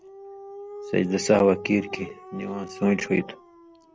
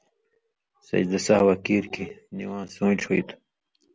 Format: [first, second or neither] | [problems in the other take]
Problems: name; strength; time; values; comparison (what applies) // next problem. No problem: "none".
second | background sound (Dog); 15 dB below the speech